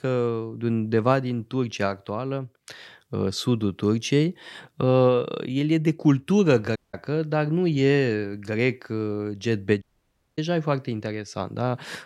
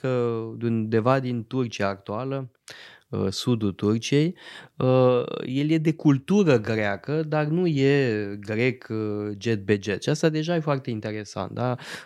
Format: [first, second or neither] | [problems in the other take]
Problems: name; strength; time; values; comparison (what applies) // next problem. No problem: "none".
second | audio cutting out; at 7 s and at 10 s for 0.5 s